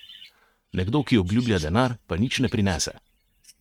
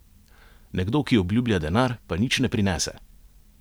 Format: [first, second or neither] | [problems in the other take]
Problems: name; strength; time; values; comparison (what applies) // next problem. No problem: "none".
second | noise reduction (neural mask model RNNoise)